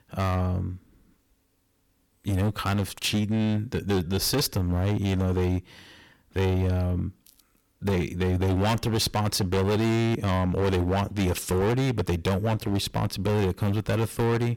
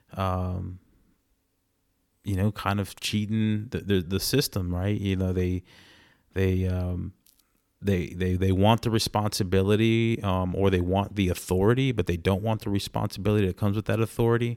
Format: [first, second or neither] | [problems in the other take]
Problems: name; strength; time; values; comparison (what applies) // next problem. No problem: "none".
second | distortion; heavy; 20% of the sound clipped